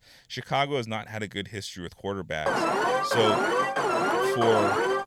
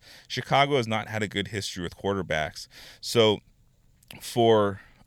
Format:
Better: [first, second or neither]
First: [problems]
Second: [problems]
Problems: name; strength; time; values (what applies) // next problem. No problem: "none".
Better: second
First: alarm; loud; from 2.5 s on; peak 6 dB above the speech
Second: none